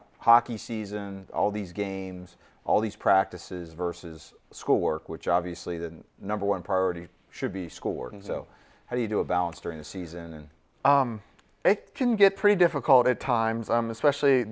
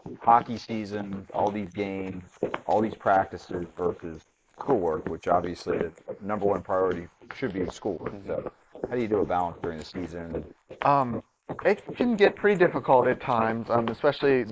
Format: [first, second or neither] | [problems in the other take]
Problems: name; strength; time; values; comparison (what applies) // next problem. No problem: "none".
first | noise reduction (neural mask model Resemble Enhance denoiser)